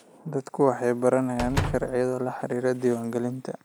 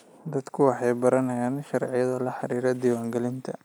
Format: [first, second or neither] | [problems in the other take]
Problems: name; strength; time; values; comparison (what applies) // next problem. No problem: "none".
second | background sound (Slam); 8 dB below the speech